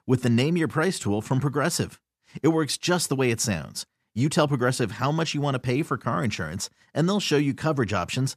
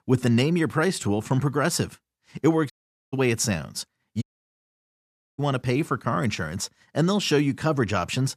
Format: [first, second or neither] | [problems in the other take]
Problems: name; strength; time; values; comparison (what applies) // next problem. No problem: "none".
first | audio cutting out; at 2.5 s and at 4 s for 1 s